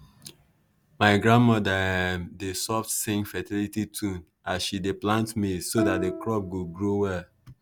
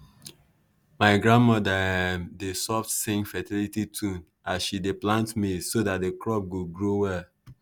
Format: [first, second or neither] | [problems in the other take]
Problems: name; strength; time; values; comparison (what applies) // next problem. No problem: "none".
second | background sound (Plucked string instrument); 8 dB below the speech